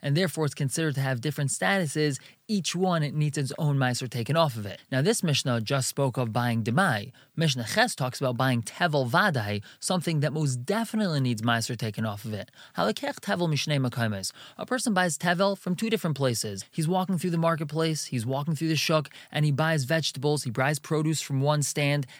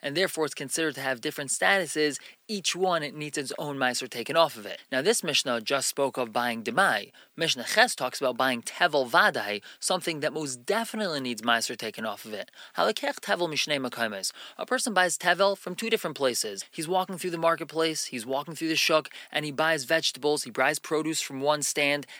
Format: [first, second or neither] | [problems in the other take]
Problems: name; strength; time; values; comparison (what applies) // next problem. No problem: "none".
first | thin; somewhat; fading below 300 Hz